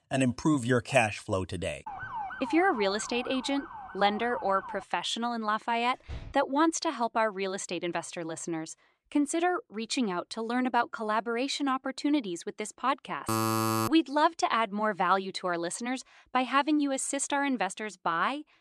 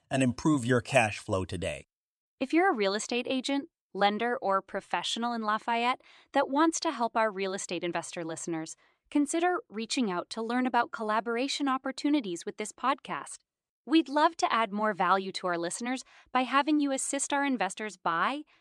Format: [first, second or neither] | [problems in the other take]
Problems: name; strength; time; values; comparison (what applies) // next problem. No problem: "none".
second | siren; noticeable; from 2 to 5 s; peak 8 dB below the speech // door banging; faint; at 6 s; peak 15 dB below the speech // alarm; loud; at 13 s; peak 2 dB above the speech